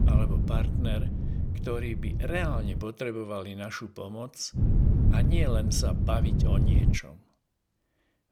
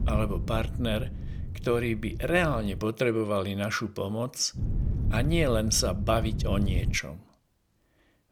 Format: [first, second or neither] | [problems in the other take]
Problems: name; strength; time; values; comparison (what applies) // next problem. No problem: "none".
second | wind noise on the microphone; heavy; until 3 s and from 4.5 to 7 s; 4 dB below the speech; occasional gusts in the second